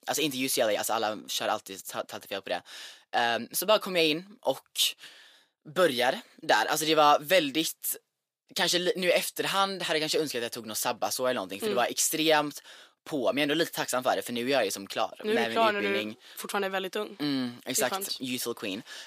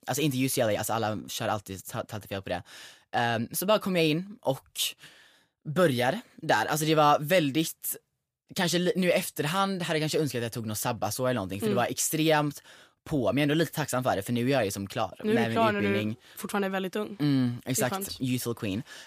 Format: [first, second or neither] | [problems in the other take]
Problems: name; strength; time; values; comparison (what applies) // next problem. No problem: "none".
second | thin; very slightly; fading below 350 Hz